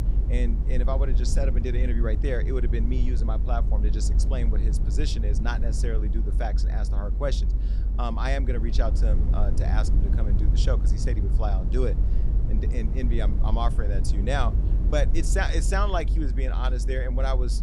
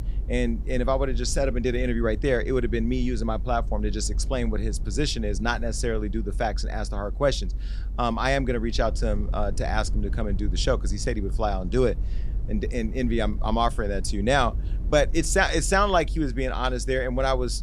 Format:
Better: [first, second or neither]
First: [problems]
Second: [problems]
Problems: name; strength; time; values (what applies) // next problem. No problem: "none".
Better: second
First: low rumble; loud; throughout; 10 dB below the speech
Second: low rumble; faint; throughout; 25 dB below the speech